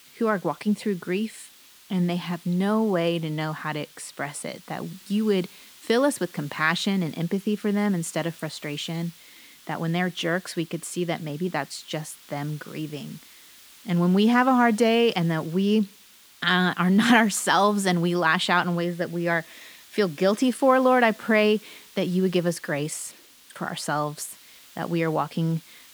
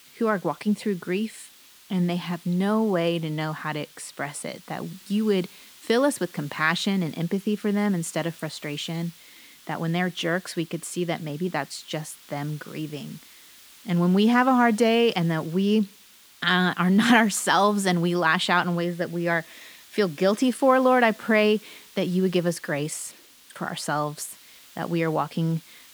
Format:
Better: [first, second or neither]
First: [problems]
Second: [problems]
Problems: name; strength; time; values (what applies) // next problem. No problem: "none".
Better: neither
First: hiss; faint; throughout; 25 dB below the speech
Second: hiss; faint; throughout; 25 dB below the speech